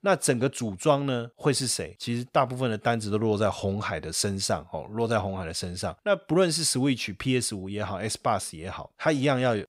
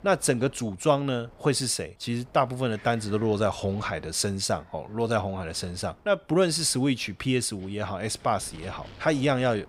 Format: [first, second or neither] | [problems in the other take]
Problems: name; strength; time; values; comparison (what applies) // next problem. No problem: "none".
first | wind noise on the microphone; occasional gusts; 25 dB below the speech